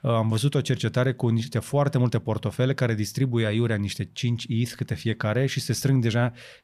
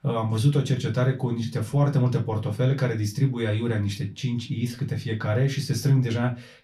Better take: first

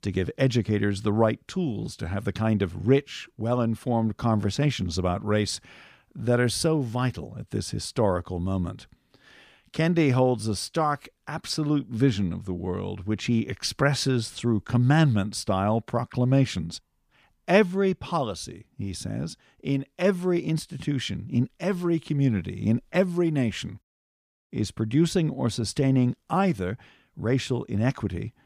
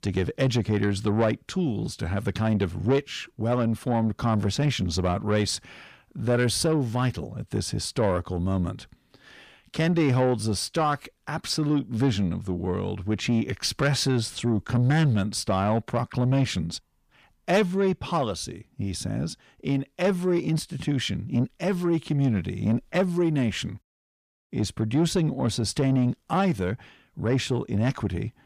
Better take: first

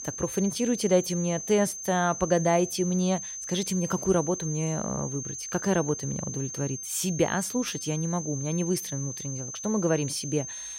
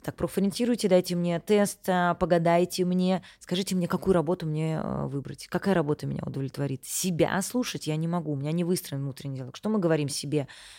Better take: second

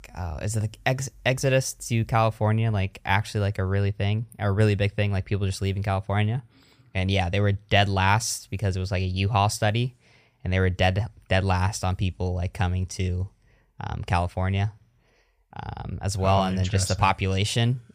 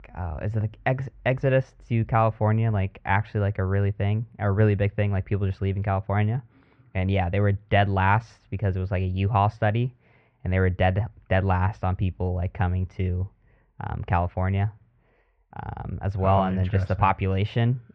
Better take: first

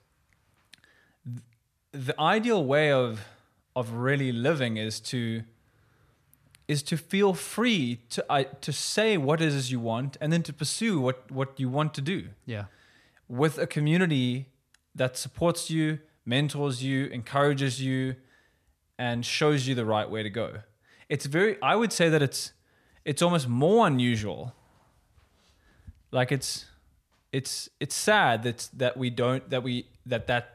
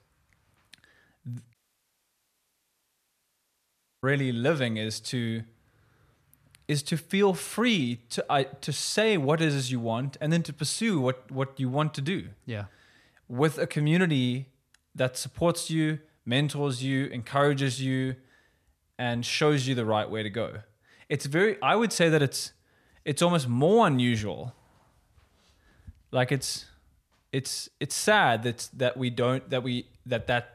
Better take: first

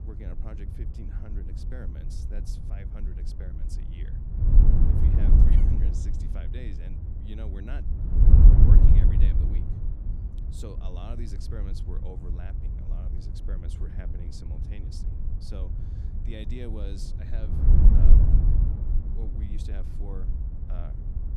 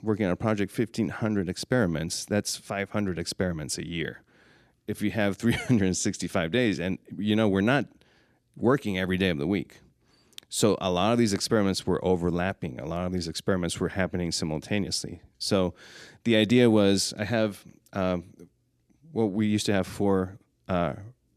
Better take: second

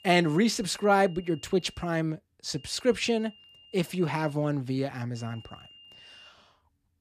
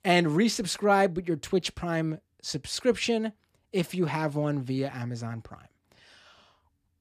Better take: second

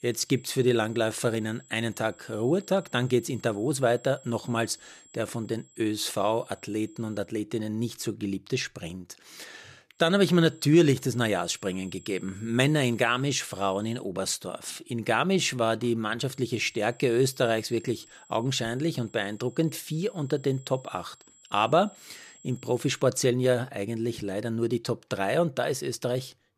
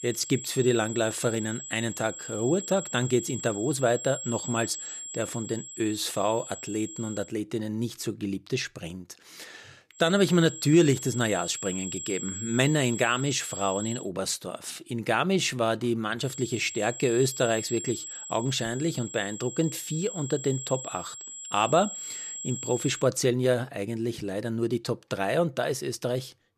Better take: first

